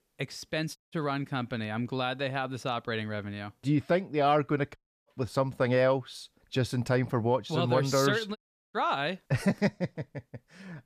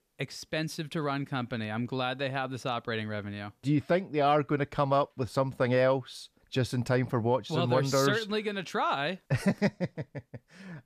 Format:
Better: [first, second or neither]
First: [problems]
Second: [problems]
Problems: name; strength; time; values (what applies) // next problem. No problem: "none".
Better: second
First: audio cutting out; at 1 s, at 5 s and at 8.5 s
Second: none